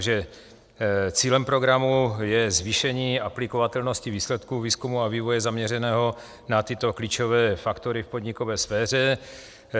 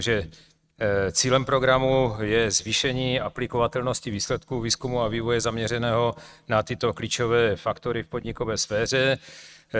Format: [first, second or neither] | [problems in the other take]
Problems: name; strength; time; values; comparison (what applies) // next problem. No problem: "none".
first | noise reduction (neural mask model RNNoise)